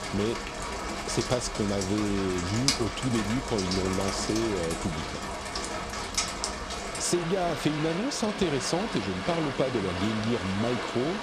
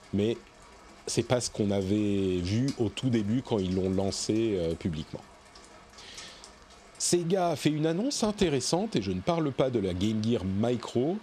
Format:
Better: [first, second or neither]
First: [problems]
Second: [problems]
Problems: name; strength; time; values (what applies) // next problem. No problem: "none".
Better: second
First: rain or running water; loud; throughout; 3 dB below the speech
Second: rain or running water; faint; throughout; 20 dB below the speech